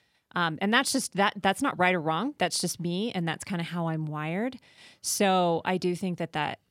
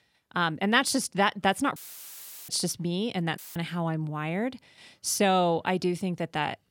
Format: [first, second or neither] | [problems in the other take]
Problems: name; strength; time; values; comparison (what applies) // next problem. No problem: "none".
first | audio cutting out; filled with static; at 2 s for 0.5 s and at 3.5 s